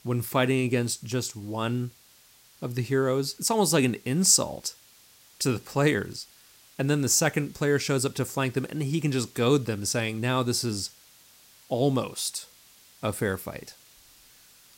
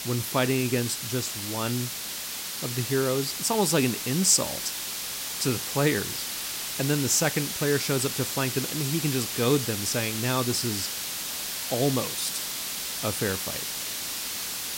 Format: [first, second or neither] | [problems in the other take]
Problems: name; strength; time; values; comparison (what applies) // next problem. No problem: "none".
first | hiss; loud; throughout; 3 dB below the speech; faint in the first